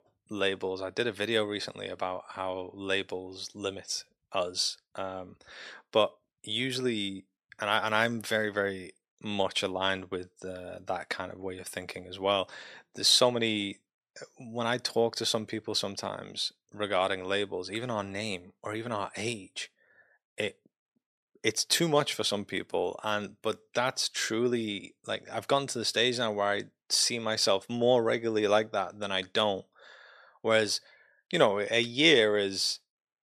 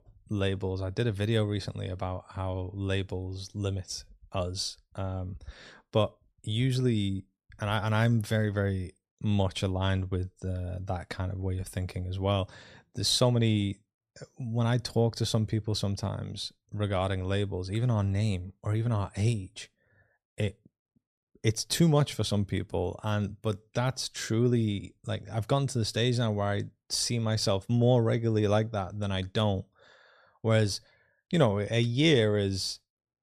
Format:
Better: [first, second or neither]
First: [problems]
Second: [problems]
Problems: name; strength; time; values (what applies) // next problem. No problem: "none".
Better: second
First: thin; somewhat; fading below 350 Hz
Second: none